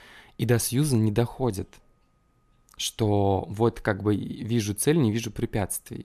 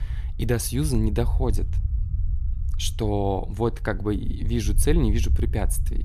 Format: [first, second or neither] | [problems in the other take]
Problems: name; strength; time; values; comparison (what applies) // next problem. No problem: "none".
first | low rumble; noticeable; throughout; 20 dB below the speech